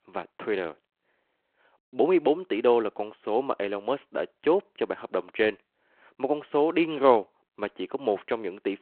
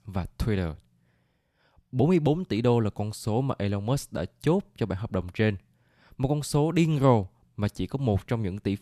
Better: second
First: phone-call audio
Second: none

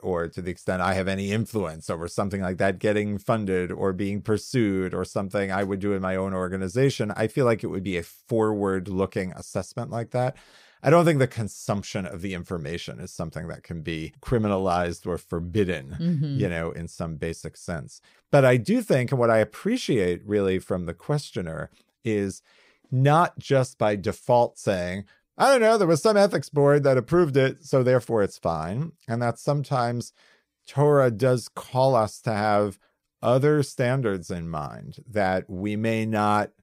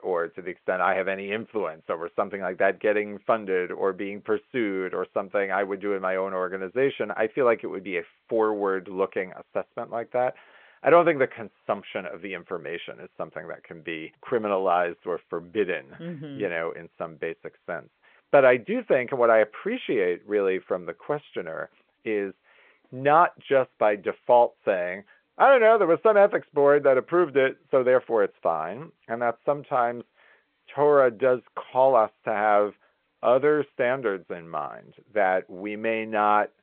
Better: first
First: none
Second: phone-call audio

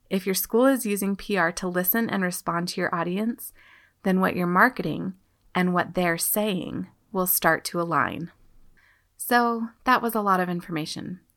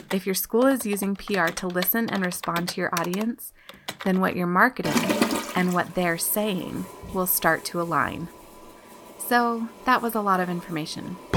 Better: first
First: none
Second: household noises; loud; throughout; 9 dB below the speech

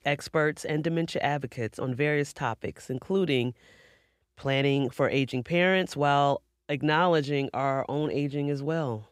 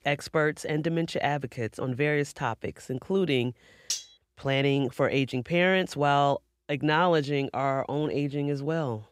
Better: first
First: none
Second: clattering dishes; noticeable; at 4 s; peak 5 dB below the speech

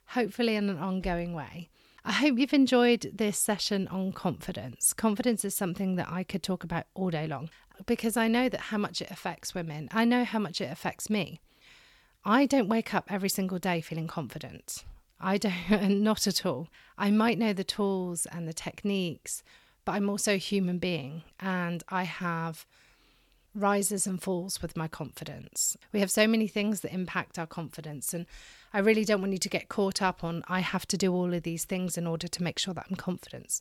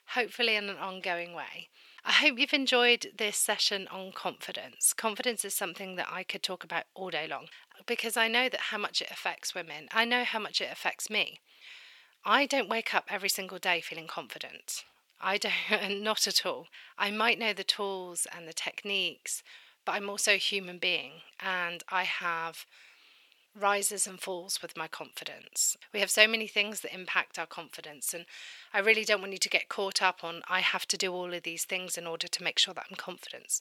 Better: first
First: none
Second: thin; somewhat; fading below 500 Hz

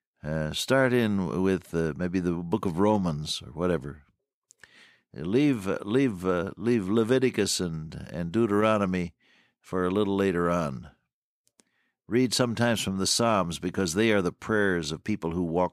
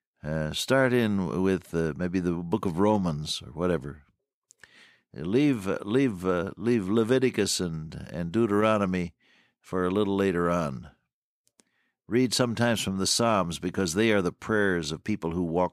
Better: neither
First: none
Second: none

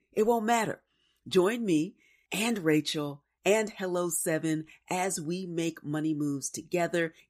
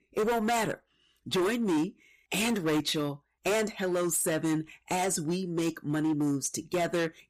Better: first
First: none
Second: distortion; heavy; 14% of the sound clipped

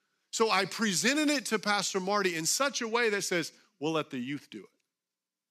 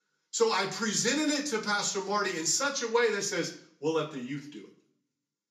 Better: first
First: none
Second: room echo; very slight; dies away in 0.4 s // off-mic speech; far

